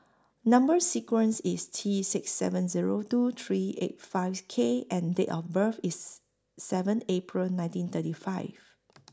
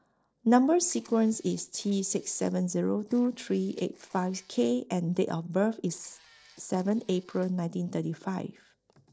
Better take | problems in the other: first | noise reduction (neural separator model SepFormer DNS4)

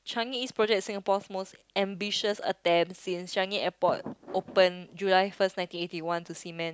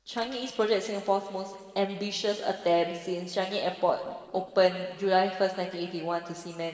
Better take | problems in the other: first | noise reduction (neural separator model SepFormer DNS4)

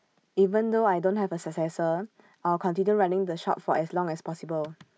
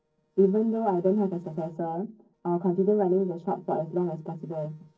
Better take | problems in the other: first | noise reduction (neural separator model SepFormer DNS4)

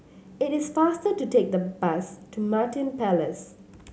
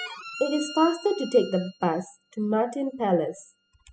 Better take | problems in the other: first | noise reduction (classical method spectral subtraction)

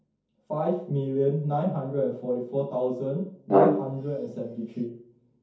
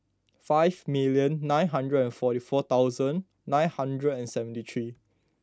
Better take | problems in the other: second | background sound (Brass instrument); 3 dB above the speech // room echo; dies away in 0.6 s

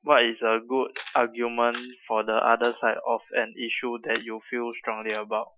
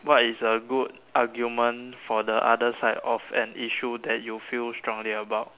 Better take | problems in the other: second | noise reduction (classical method Wiener filter)

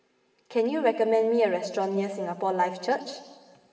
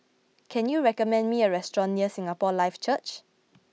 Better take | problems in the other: second | room echo; dies away in 1.9 s

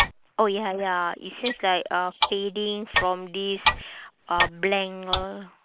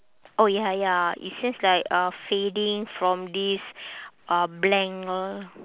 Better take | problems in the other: second | noise reduction (neural mask model Resemble Enhance denoiser)

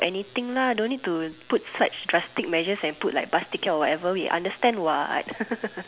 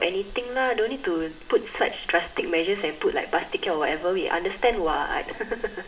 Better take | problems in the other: first | background sound (Rain); 19 dB below the speech // room echo; dies away in 1.1 s

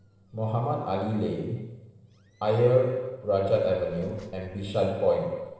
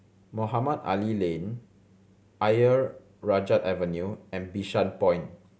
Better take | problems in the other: second | noise reduction (neural separator model SepFormer DNS4)

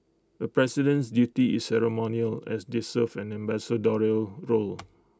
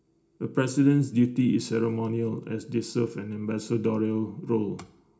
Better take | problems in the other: first | room echo; dies away in 0.4 s

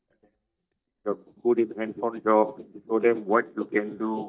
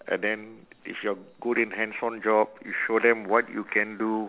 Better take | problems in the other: second | noise reduction (neural mask model DeepFilterNet 3)

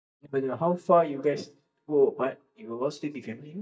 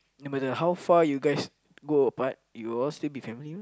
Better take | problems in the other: second | noise reduction (neural mask model DeepFilterNet 3)

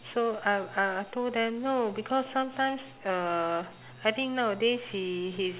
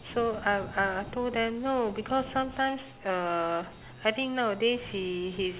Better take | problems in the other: first | background sound (Thunder / Rain); 17 dB below the speech

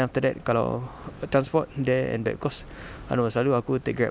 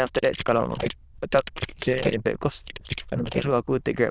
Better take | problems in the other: first | noise reduction (neural diffusion model UNIVERSE++)

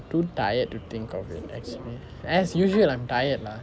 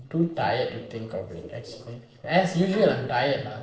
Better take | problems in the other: first | noise reduction (neural separator model SepFormer DNS4)

